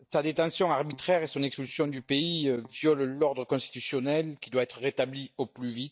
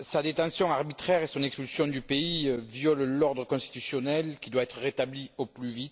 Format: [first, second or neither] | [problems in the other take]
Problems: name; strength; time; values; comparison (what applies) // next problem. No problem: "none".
second | noise reduction (neural mask model DeepFilterNet 3)